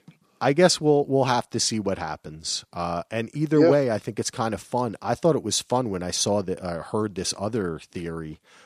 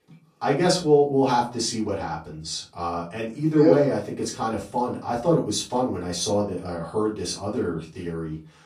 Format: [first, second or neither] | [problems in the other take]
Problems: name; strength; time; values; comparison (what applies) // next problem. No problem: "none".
first | off-mic speech; far // room echo; slight; dies away in 0.3 s